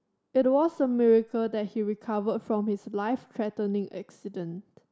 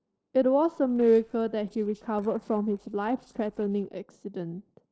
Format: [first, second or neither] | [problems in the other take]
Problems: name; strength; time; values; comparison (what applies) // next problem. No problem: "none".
first | noise reduction (neural separator model SepFormer DNS4)